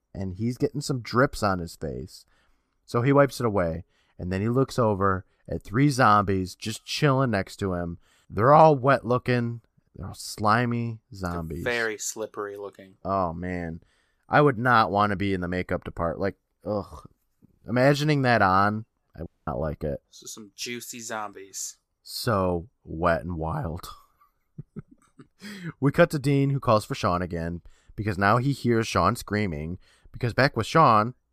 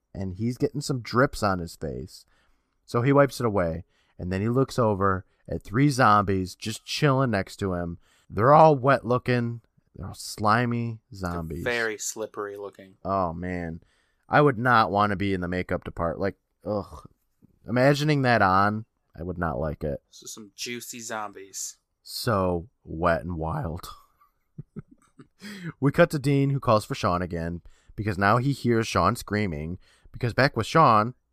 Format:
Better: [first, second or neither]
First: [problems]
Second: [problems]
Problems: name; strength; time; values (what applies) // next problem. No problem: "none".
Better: second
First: audio cutting out; at 19 s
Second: none